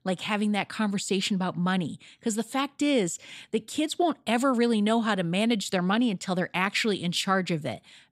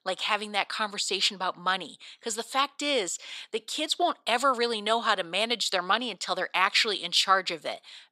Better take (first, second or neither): first